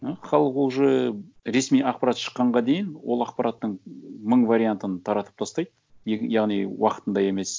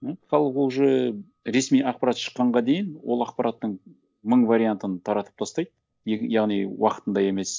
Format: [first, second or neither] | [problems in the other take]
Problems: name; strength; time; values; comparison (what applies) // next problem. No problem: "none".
first | noise reduction (neural mask model DeepFilterNet 3)